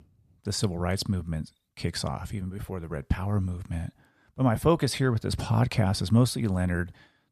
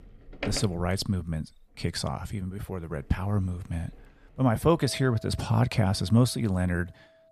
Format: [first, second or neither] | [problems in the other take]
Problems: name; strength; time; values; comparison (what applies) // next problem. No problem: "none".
first | household noises; noticeable; throughout; 15 dB below the speech